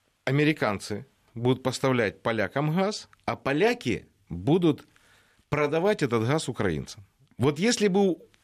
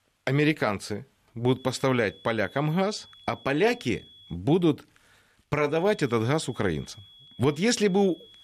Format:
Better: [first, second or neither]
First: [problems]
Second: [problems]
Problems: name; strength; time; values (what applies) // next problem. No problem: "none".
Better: first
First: none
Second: high-pitched whine; faint; from 1.5 to 4.5 s and from 5.5 s on; 3.5 kHz, 25 dB below the speech